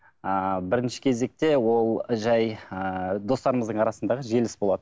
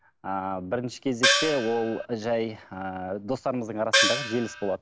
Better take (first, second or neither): first